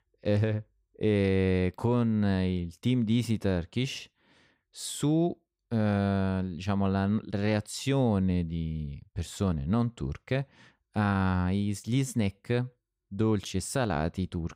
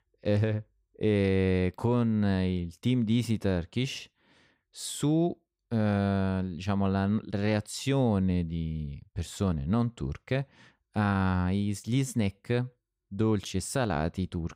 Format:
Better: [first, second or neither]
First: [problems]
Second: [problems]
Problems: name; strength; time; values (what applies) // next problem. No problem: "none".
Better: neither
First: none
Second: none